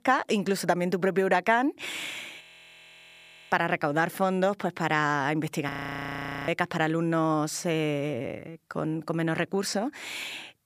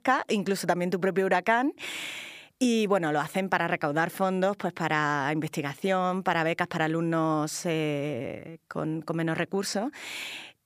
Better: second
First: audio freezing; at 2.5 s for 1 s and at 5.5 s for 1 s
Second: none

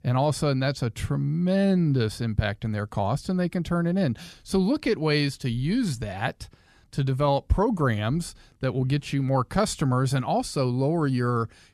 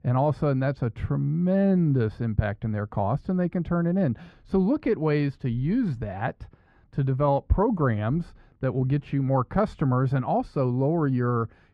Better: first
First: none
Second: muffled; very; fading above 3.5 kHz

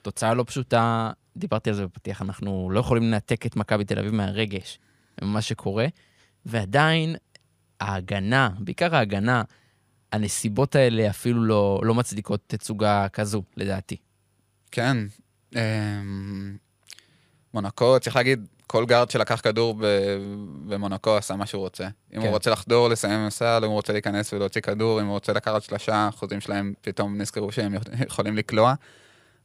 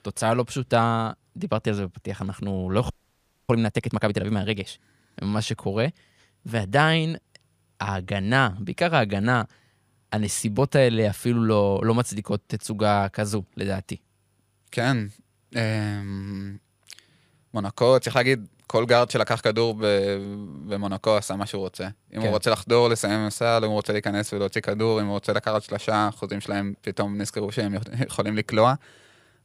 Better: first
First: none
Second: audio freezing; at 3 s for 0.5 s

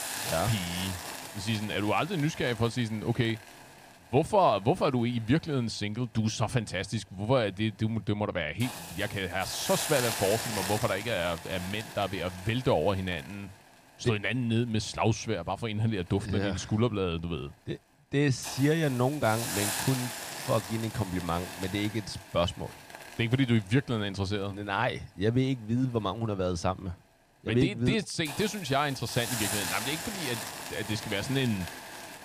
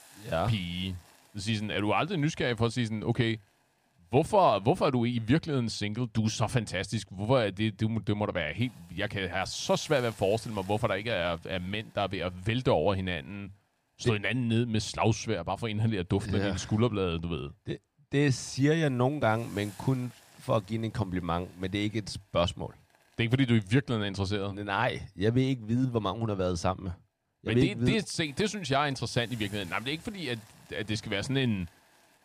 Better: second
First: hiss; loud; throughout; 7 dB below the speech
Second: hiss; faint; throughout; 25 dB below the speech

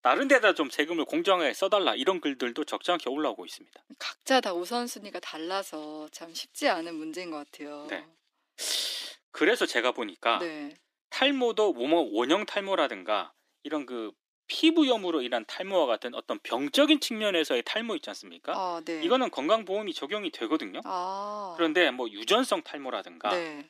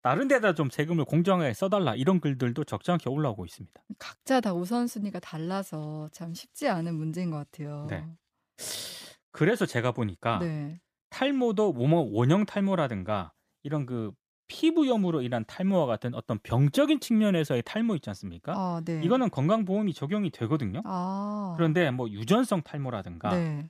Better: second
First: thin; somewhat; fading below 300 Hz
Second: none

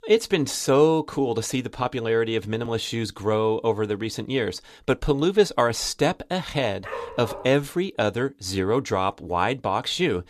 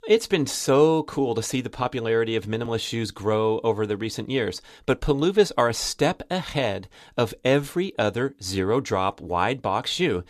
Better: second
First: dog barking; faint; at 7 s; peak 10 dB below the speech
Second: none

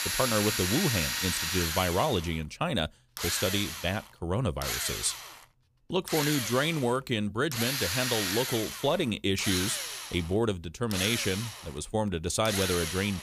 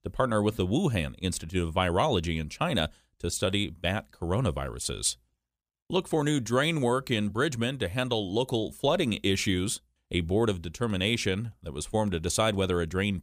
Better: second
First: machinery noise; loud; throughout; 2 dB below the speech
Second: none

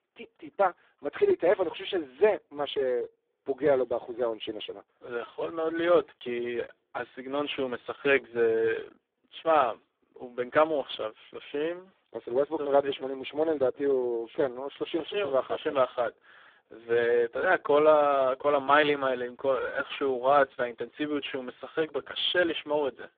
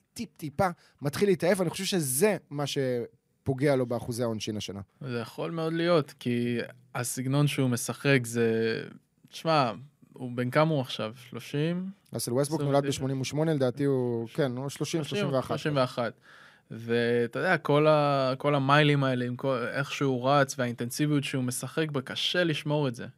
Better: second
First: phone-call audio; poor line; nothing above 3.5 kHz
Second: none

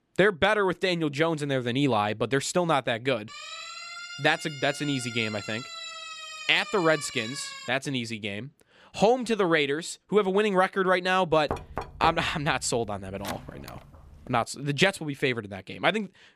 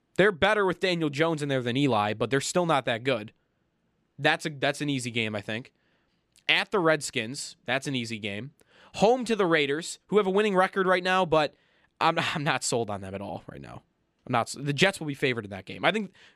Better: second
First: siren; faint; from 3.5 to 7.5 s; peak 10 dB below the speech // door banging; noticeable; from 12 to 14 s; peak 8 dB below the speech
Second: none

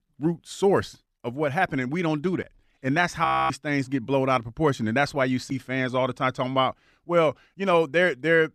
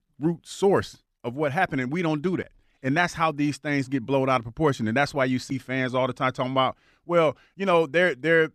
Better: second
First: audio freezing; at 3.5 s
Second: none

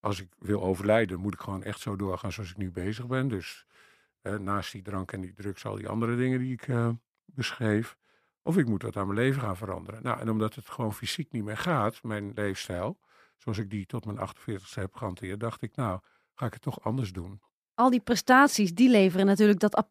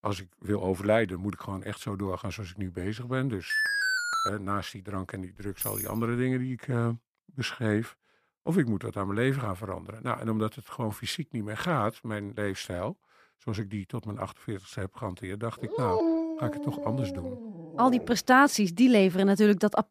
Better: first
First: none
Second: alarm; loud; at 3.5 s; peak 4 dB above the speech // jangling keys; noticeable; at 5.5 s; peak 3 dB below the speech // dog barking; loud; from 16 to 18 s; peak 3 dB above the speech

